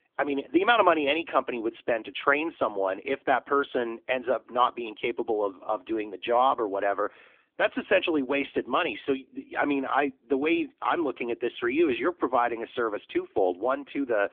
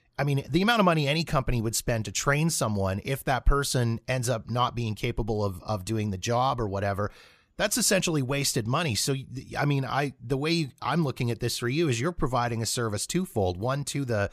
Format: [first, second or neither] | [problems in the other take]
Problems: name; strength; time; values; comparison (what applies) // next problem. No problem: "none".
second | phone-call audio; nothing above 3.5 kHz